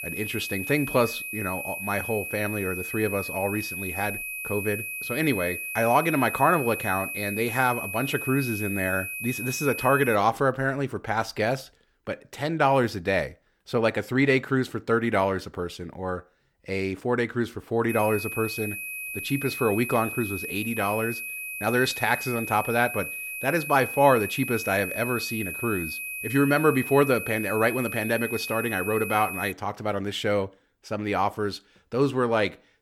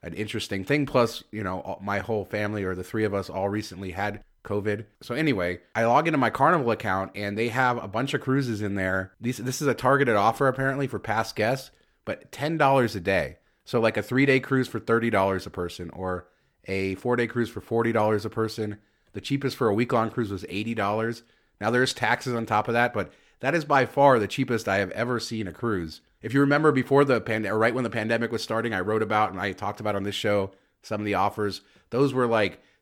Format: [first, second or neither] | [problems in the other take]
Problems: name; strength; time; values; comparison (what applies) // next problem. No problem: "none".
second | high-pitched whine; loud; until 10 s and from 18 to 30 s; 2.5 kHz, 6 dB below the speech